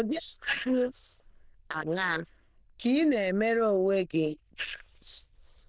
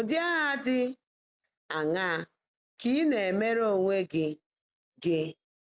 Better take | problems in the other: second | noise reduction (neural diffusion model UNIVERSE++)

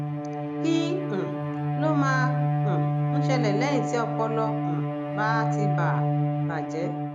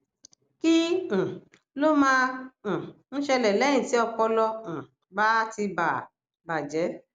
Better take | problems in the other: second | background sound (Bowed string instrument); 4 dB above the speech

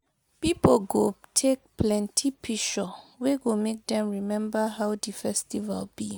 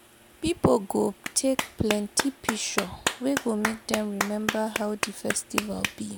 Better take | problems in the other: first | background sound (Clapping); 5 dB below the speech

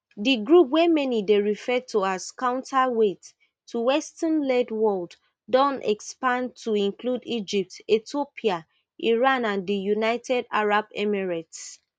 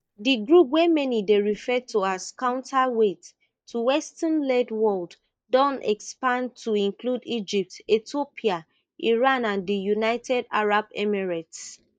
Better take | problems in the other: first | noise reduction (neural mask model DeepFilterNet 3)

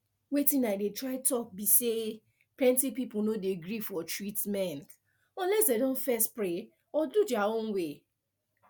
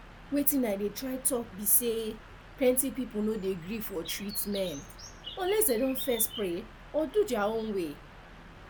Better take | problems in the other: first | background sound (Bird); 15 dB below the speech

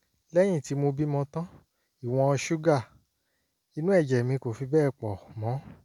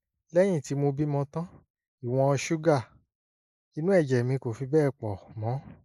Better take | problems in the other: first | noise reduction (neural mask model Resemble Enhance denoiser)

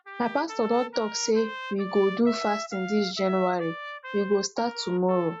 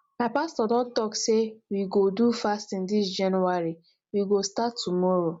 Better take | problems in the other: second | noise reduction (classical method Wiener filter)

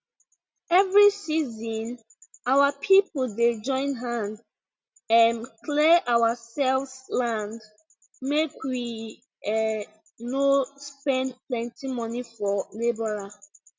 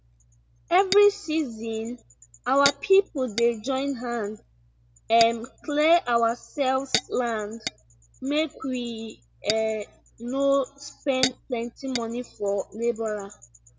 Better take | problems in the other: first | background sound (Tap / Glass); 12 dB below the speech

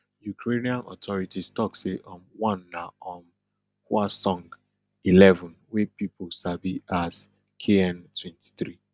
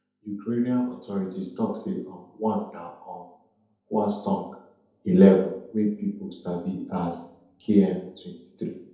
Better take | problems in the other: first | room echo; dies away in 0.8 s

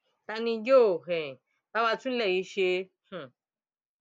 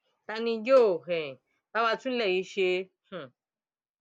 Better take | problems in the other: first | background sound (Cowbell); 16 dB below the speech

